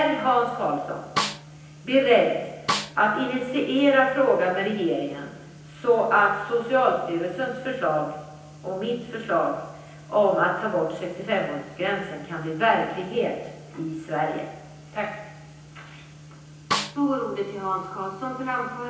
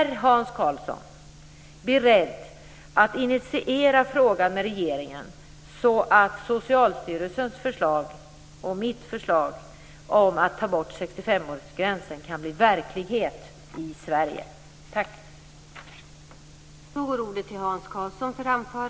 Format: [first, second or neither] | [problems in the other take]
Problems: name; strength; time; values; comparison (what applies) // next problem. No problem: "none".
second | background sound (Snare drum); 4 dB below the speech // room echo; dies away in 0.9 s